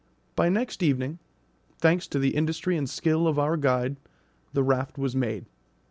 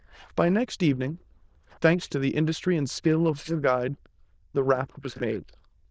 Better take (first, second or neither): first